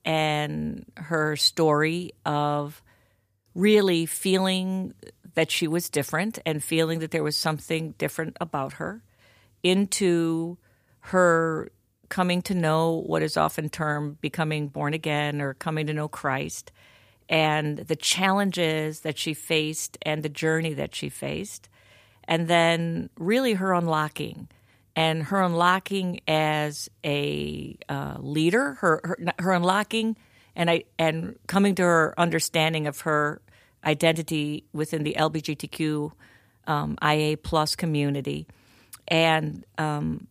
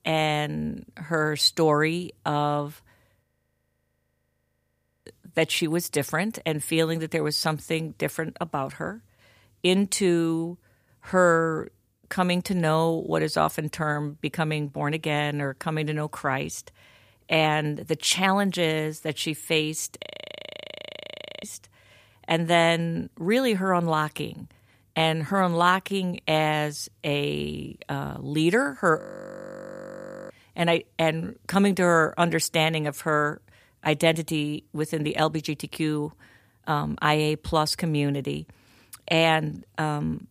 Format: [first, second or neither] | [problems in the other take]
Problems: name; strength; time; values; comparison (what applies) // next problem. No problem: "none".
first | audio freezing; at 3 s for 2 s, at 20 s for 1.5 s and at 29 s for 1.5 s